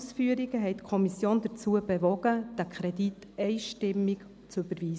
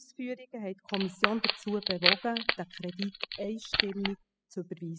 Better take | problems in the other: first | noise reduction (classical method spectral subtraction)

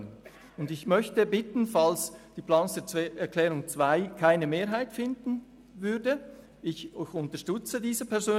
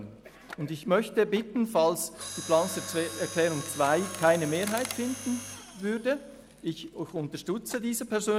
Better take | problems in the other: first | background sound (Mechanisms); 13 dB below the speech

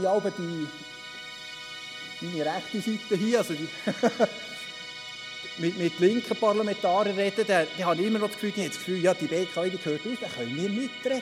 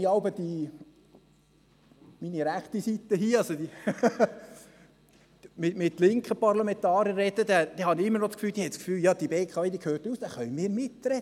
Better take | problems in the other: second | background sound (Musical instrument); 12 dB below the speech

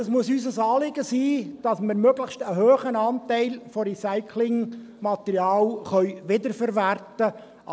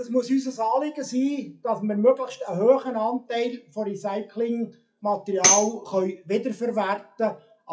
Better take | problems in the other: first | noise reduction (classical method WPE with log-MMSE)

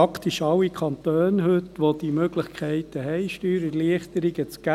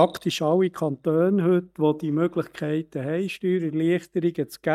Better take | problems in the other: first | noise reduction (neural mask model DeepFilterNet 3)

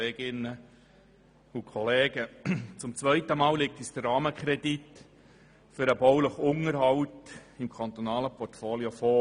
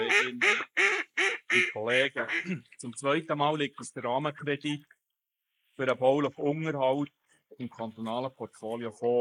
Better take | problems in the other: first | noise reduction (neural mask model Resemble Enhance denoiser)

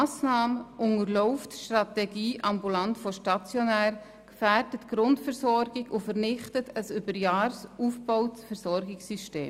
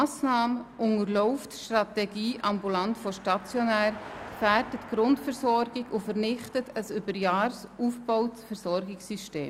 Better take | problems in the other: first | background sound (Car passing by); 20 dB below the speech

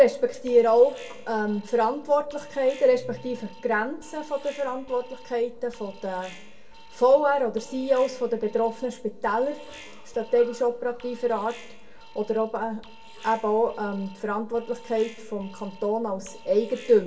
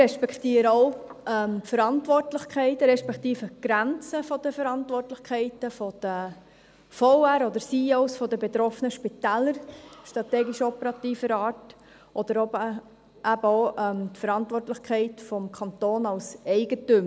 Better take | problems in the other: second | background sound (Alarm); 18 dB below the speech // room echo; dies away in 0.2 s

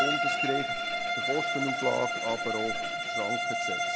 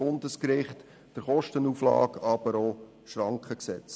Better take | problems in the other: second | background sound (Bowed string instrument); 4 dB above the speech

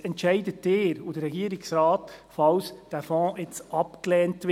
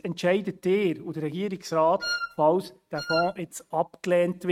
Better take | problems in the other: first | noise reduction (neural mask model RNNoise)

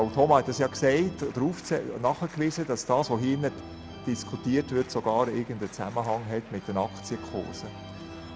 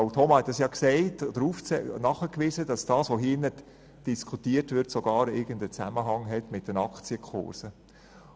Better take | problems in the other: second | background sound (Organ); 15 dB below the speech

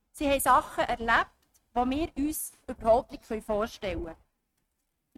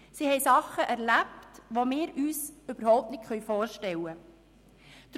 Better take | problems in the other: second | noise reduction (neural mask model RNNoise)

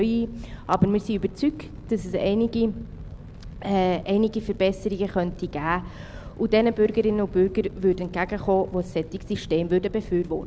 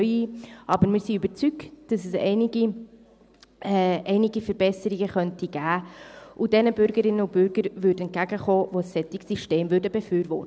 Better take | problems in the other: second | background sound (Fire); 15 dB below the speech

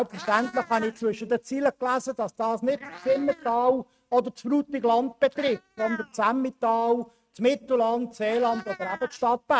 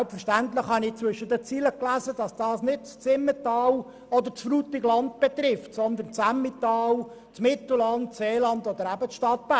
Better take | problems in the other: second | noise reduction (neural mask model RNNoise)

